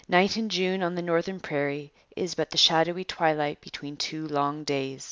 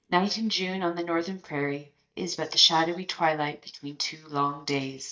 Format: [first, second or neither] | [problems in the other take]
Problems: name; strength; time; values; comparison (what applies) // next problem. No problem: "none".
first | noise reduction (neural mask model DeepFilterNet 3)